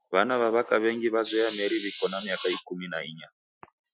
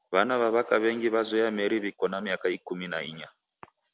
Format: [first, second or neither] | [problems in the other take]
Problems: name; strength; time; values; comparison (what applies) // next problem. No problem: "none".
second | noise reduction (classical method Wiener filter)